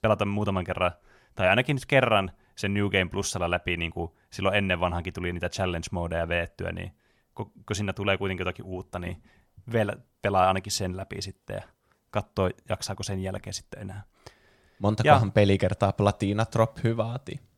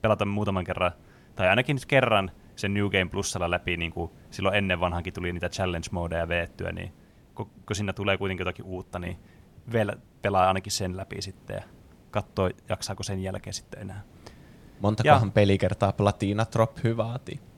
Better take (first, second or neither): first